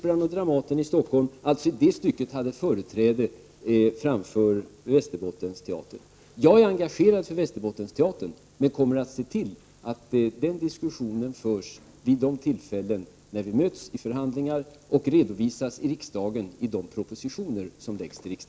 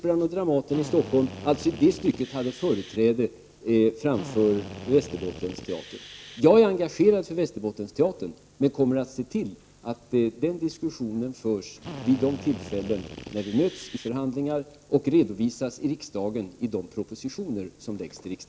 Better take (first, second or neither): first